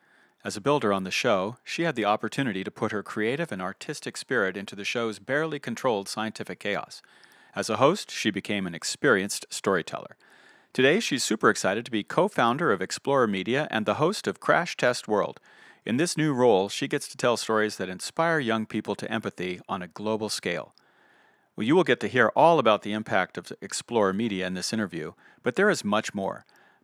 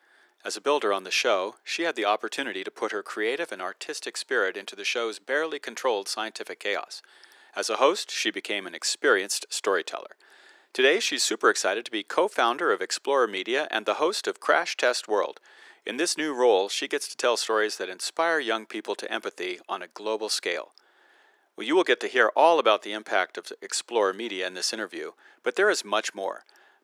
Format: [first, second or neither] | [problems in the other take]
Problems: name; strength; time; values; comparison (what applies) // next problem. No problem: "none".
first | thin; somewhat; fading below 350 Hz